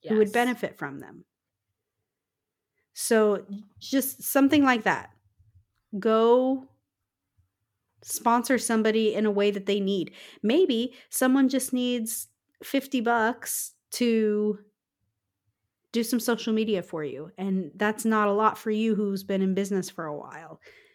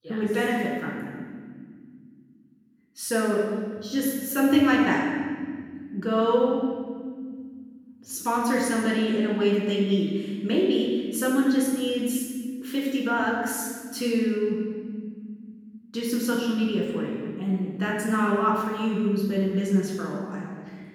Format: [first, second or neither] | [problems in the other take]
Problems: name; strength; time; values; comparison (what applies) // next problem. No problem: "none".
first | off-mic speech; far // room echo; noticeable; dies away in 1.9 s